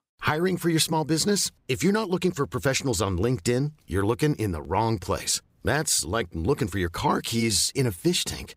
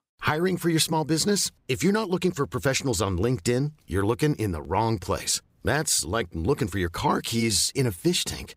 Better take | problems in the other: neither | none

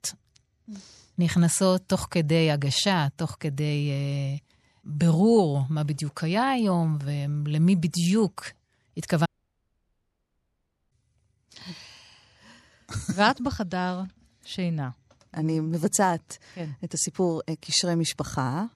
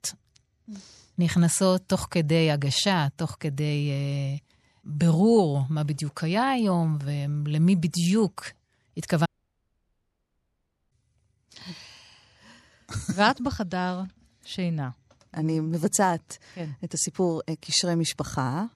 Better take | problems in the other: neither | audio cutting out; at 9.5 s for 1.5 s; the same in both

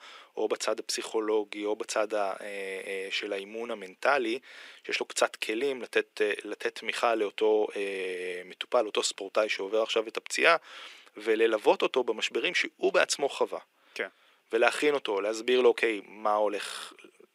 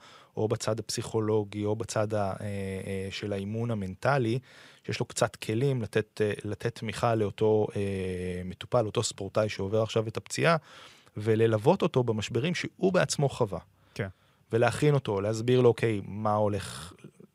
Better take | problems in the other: second | thin; very; fading below 300 Hz

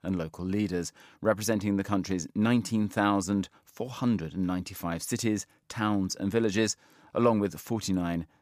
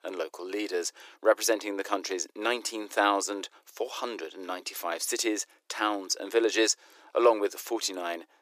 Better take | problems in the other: first | thin; very; fading below 350 Hz

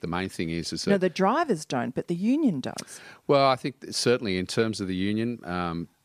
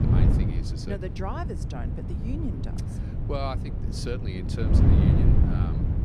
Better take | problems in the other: first | wind noise on the microphone; heavy; 1 dB above the speech

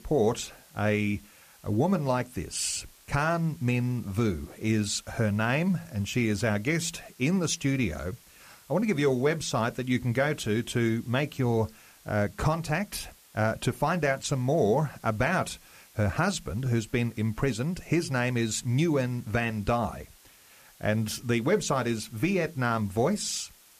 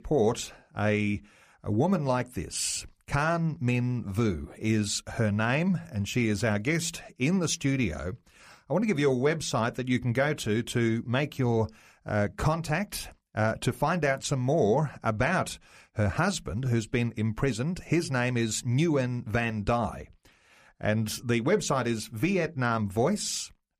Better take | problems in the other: second | hiss; faint; throughout; 25 dB below the speech

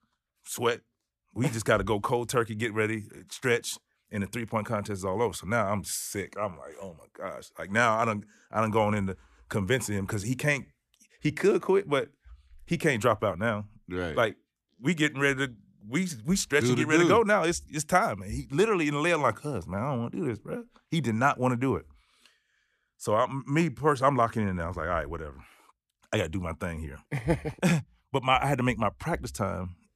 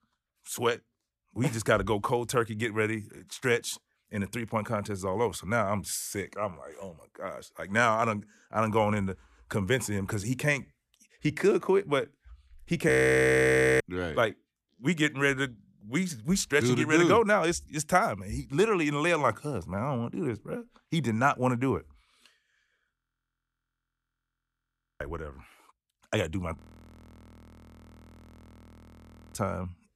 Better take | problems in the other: first | audio freezing; at 13 s for 1 s, at 23 s for 2 s and at 27 s for 3 s

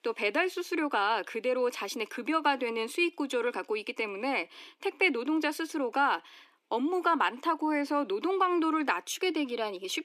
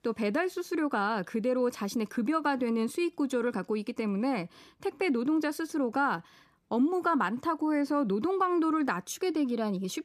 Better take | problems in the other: second | thin; somewhat; fading below 300 Hz

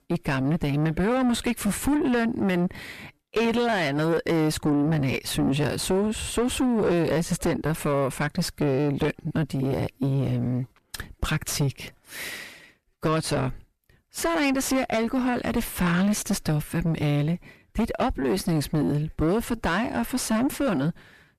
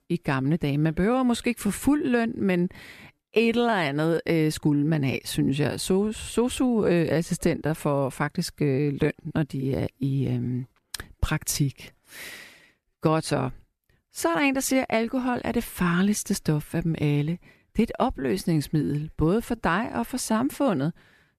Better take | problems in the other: second | distortion; heavy; 5 dB below the speech

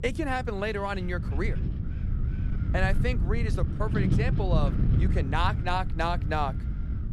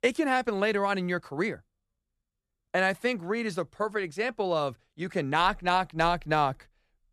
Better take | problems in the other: second | wind noise on the microphone; occasional gusts; 10 dB below the speech

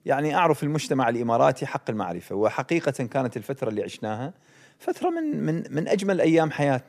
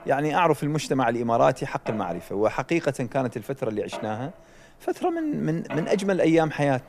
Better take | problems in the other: first | machinery noise; noticeable; throughout; 15 dB below the speech

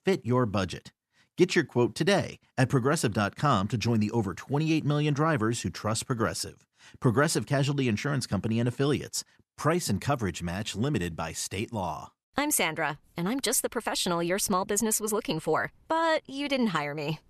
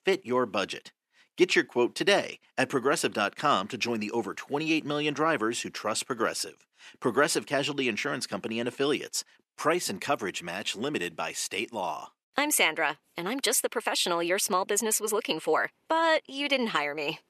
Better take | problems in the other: first | thin; somewhat; fading below 350 Hz

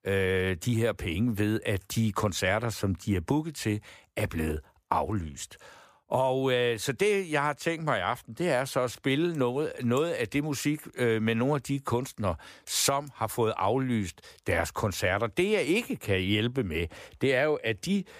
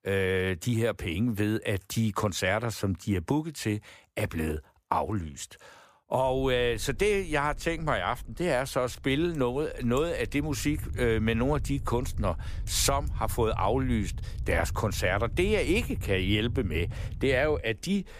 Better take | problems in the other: first | low rumble; faint; from 6.5 s on; 25 dB below the speech

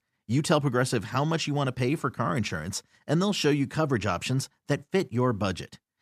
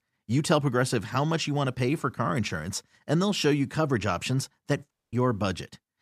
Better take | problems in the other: first | audio cutting out; at 5 s

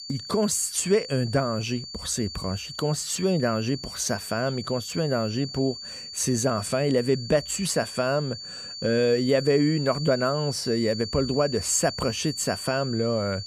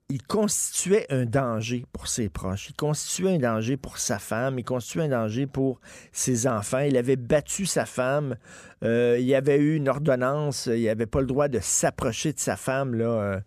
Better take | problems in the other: second | high-pitched whine; loud; throughout; 4.5 kHz, 9 dB below the speech

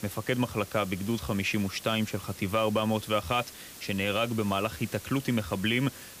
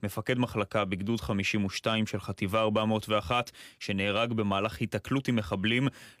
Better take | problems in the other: second | hiss; noticeable; throughout; 15 dB below the speech

